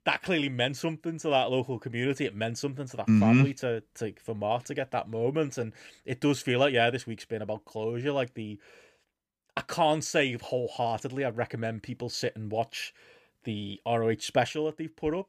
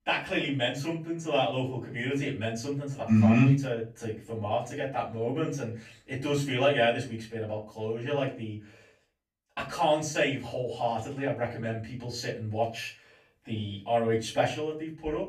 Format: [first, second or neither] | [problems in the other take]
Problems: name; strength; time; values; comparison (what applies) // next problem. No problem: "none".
first | off-mic speech; far // room echo; slight; dies away in 0.3 s